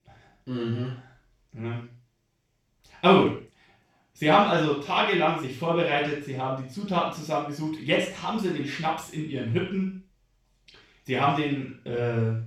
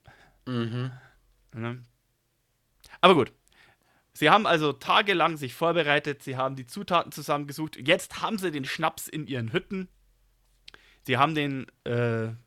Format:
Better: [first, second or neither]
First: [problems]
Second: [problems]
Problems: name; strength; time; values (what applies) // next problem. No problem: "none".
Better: second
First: room echo; noticeable; dies away in 0.4 s // off-mic speech; far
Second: none